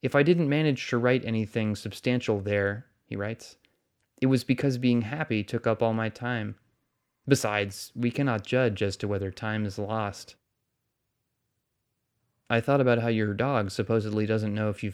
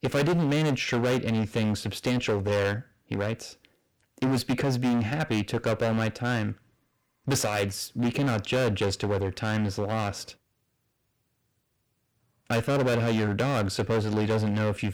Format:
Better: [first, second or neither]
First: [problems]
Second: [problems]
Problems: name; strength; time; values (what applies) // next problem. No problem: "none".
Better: first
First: none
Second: distortion; heavy; 16% of the sound clipped